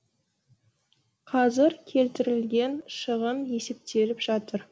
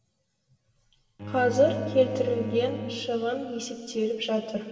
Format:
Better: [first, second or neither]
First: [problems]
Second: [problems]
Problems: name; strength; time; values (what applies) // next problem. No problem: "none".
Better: first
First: none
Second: background sound (Bowed string instrument); 10 dB below the speech // room echo; dies away in 2.7 s